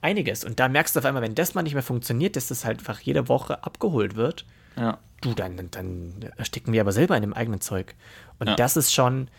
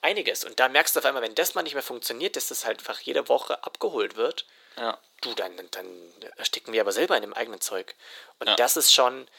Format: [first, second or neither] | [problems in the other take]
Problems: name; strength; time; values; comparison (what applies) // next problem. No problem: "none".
first | thin; very; fading below 400 Hz